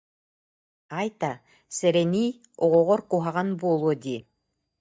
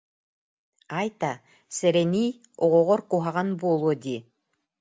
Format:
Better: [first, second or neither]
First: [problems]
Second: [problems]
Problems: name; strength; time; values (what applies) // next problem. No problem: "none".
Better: second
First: noise reduction (neural mask model DeepFilterNet 3)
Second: none